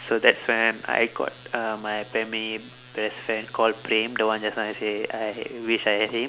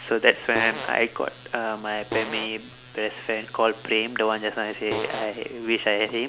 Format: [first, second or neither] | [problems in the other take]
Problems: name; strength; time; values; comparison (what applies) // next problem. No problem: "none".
first | background sound (Fart); 11 dB below the speech